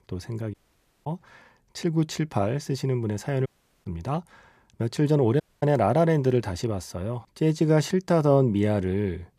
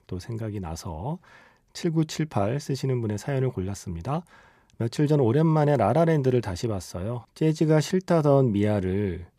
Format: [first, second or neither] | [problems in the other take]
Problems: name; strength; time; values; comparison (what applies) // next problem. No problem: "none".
second | audio cutting out; at 0.5 s for 0.5 s, at 3.5 s and at 5.5 s